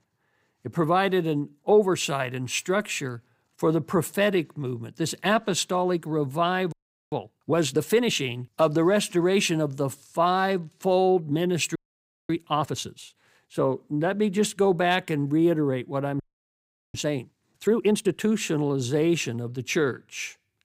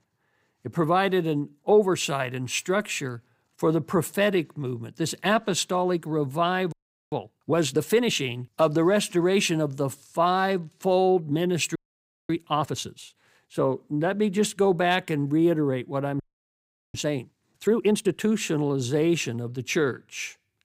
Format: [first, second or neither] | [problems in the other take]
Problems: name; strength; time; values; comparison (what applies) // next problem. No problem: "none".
neither | audio freezing; at 6.5 s, at 12 s for 0.5 s and at 16 s for 0.5 s; the same in both